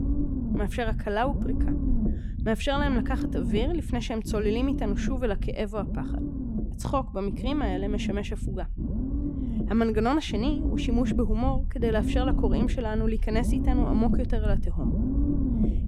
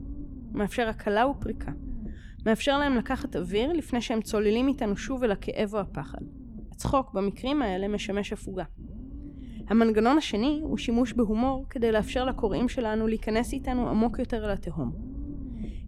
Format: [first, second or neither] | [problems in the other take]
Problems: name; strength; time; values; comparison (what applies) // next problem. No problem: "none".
second | low rumble; loud; throughout; 7 dB below the speech; faint in the second